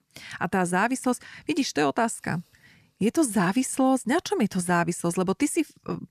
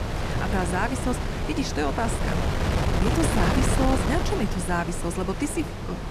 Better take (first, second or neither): first